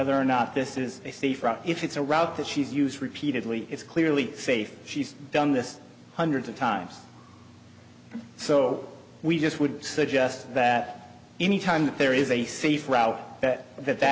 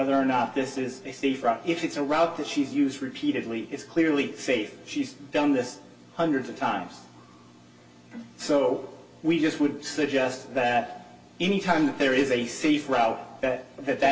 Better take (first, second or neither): first